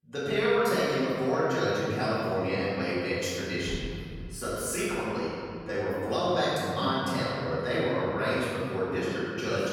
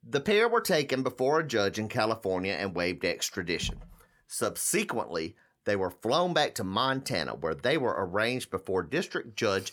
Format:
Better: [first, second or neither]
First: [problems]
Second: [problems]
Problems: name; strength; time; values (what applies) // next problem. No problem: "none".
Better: second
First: room echo; strong; dies away in 3 s // off-mic speech; far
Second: none